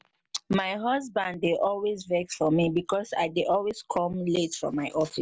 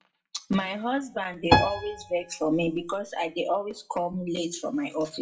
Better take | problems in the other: first | noise reduction (classical method WPE with log-MMSE)

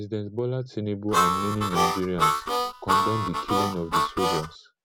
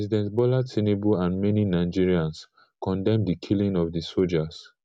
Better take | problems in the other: second | background sound (Harmonica); 5 dB above the speech

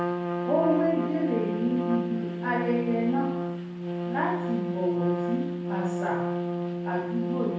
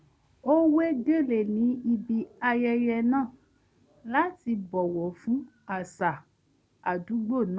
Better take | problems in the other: second | background sound (Trumpet); 1 dB below the speech // room echo; dies away in 0.7 s

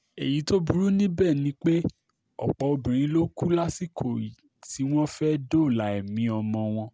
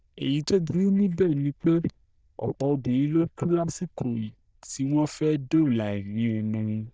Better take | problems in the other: first | noise reduction (neural diffusion model UNIVERSE++)

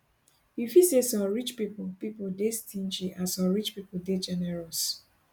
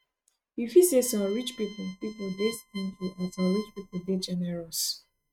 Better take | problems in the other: first | noise reduction (neural mask model RNNoise)

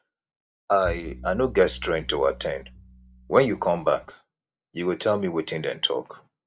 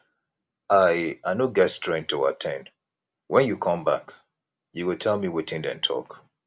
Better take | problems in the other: second | noise reduction (neural mask model DeepFilterNet 3)

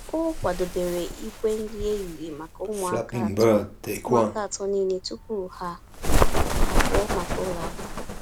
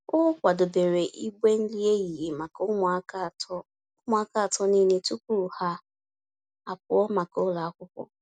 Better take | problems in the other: second | background sound (Bird); 5 dB above the speech

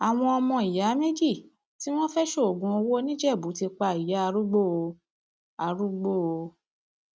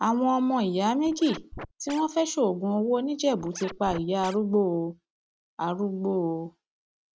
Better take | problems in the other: first | background sound (Scratching (performance technique)); 16 dB below the speech

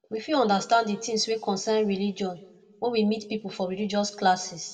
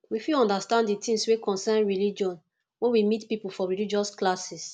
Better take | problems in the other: second | room echo; dies away in 1 s

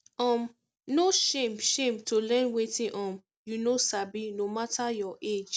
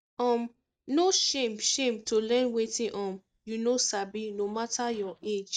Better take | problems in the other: first | noise reduction (neural mask model DeepFilterNet 3)

